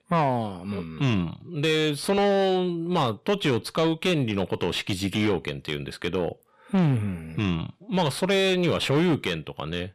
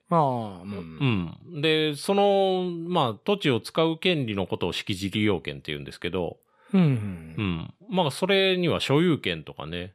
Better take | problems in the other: second | distortion; slight; 10 dB below the speech

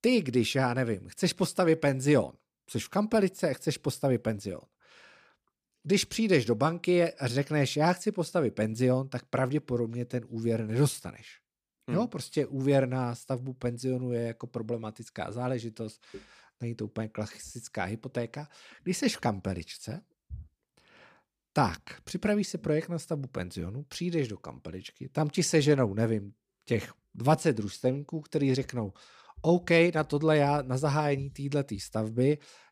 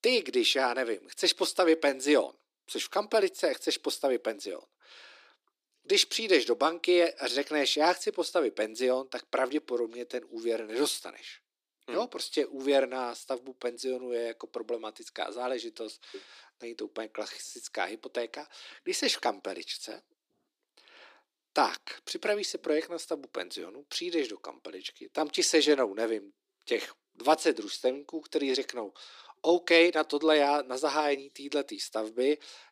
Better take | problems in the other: first | thin; somewhat; fading below 300 Hz

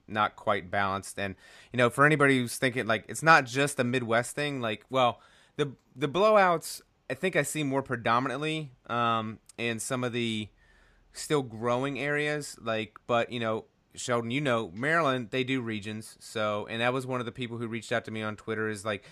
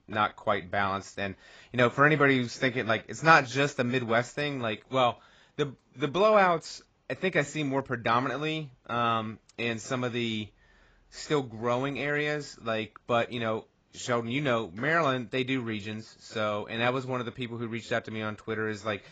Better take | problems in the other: first | garbled, watery; badly; nothing above 7.5 kHz

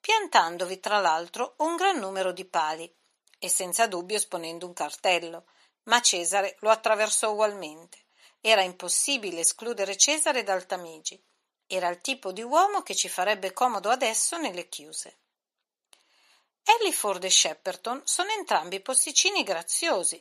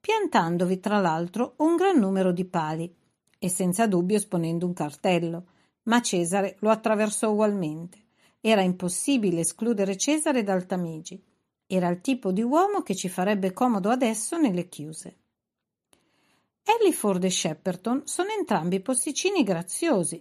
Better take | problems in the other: second | thin; very; fading below 700 Hz

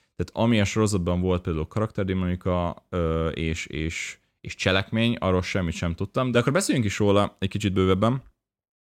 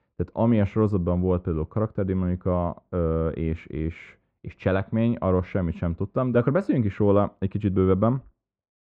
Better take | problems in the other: first | muffled; very; fading above 3.5 kHz

